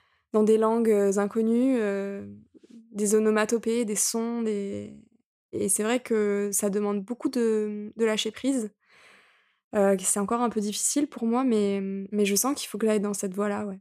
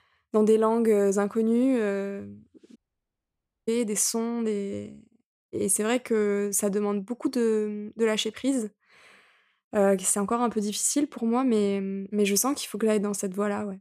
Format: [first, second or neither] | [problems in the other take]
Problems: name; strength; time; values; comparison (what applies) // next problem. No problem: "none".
first | audio cutting out; at 3 s for 1 s